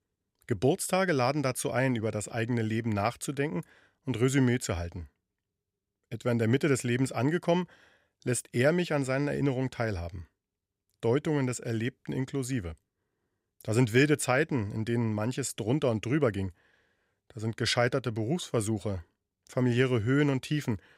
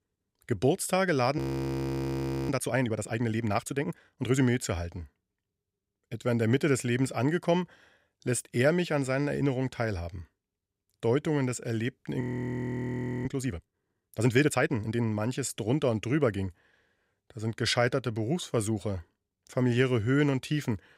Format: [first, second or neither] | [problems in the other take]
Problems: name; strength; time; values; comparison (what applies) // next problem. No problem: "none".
first | audio freezing; at 1.5 s for 1 s and at 12 s for 1 s